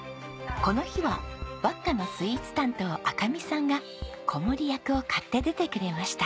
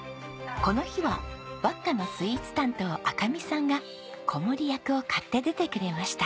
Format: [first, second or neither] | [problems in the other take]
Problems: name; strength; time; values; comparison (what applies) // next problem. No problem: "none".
second | background sound (Bass drum); 13 dB below the speech